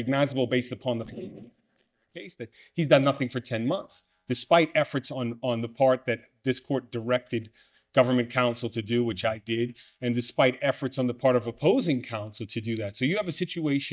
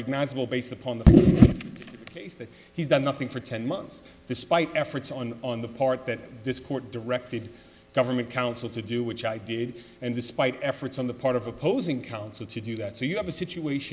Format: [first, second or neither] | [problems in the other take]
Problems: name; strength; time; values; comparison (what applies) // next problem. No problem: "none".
second | noise reduction (neural mask model DeepFilterNet 3)